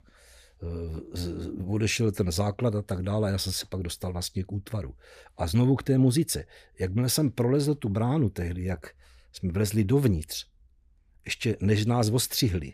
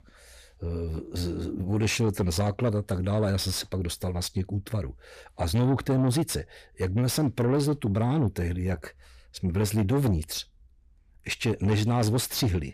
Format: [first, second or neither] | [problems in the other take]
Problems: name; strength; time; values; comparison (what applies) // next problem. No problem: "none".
first | distortion; slight; 10 dB below the speech